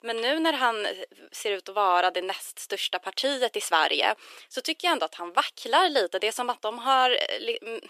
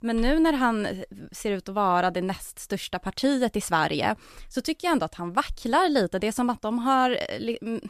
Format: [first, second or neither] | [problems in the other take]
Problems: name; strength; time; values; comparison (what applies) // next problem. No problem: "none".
second | thin; very; fading below 350 Hz